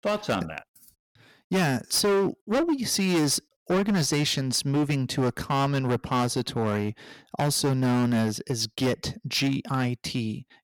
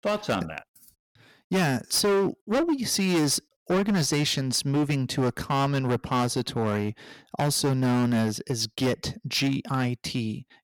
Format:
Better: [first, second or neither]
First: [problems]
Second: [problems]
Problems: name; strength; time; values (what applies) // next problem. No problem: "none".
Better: neither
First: distortion; heavy; 13% of the sound clipped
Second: distortion; heavy; 13% of the sound clipped